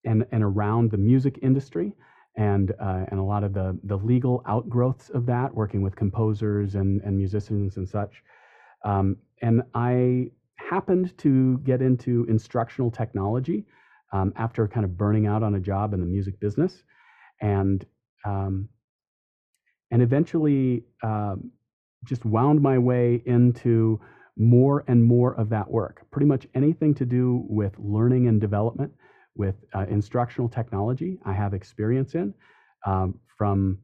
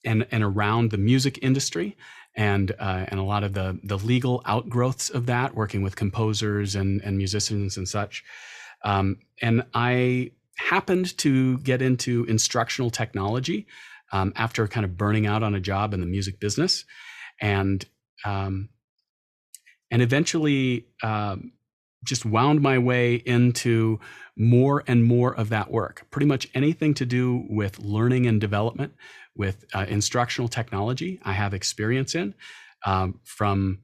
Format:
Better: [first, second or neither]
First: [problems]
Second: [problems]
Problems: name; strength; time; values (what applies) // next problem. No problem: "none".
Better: second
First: muffled; very; fading above 2 kHz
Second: none